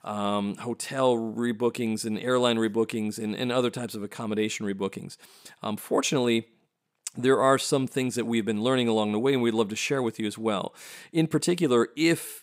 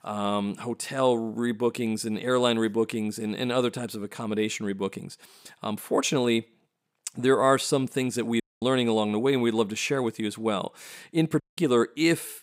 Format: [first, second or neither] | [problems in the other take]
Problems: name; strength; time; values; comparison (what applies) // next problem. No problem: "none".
first | audio cutting out; at 8.5 s and at 11 s